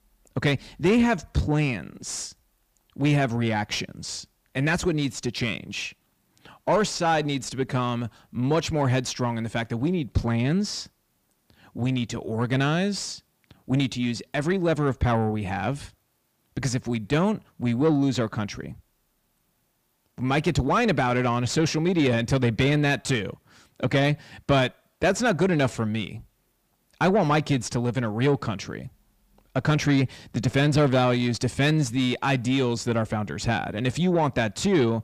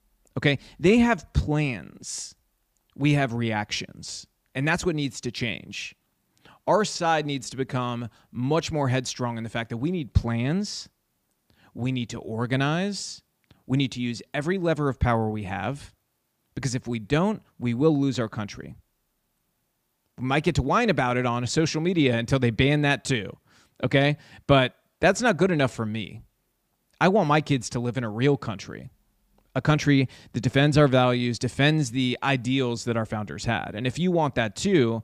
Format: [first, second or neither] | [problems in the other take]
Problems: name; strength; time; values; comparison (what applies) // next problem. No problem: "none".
second | distortion; slight; 10 dB below the speech